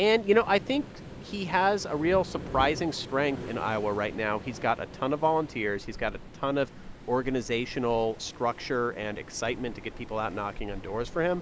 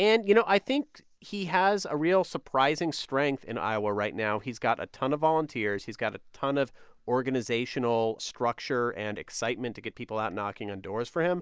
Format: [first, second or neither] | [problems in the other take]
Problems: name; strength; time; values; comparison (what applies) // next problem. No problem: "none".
second | background sound (Waves, surf); 13 dB below the speech